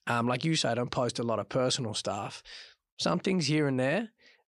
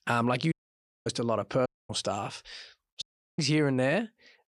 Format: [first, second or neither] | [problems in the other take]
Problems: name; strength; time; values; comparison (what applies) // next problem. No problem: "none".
first | audio cutting out; at 0.5 s for 0.5 s, at 1.5 s and at 3 s